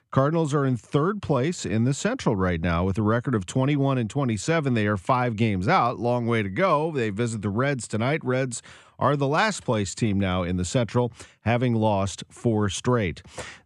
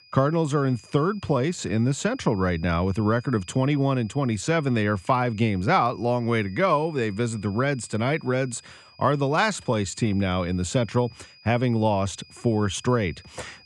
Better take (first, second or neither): first